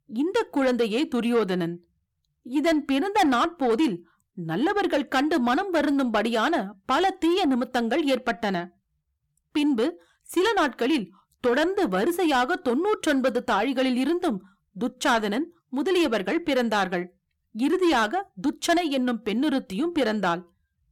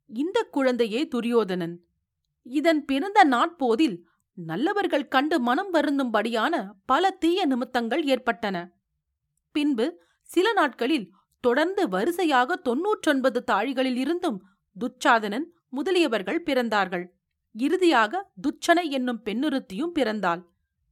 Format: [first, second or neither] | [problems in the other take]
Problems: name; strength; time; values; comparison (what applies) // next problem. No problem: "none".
second | distortion; slight; 10 dB below the speech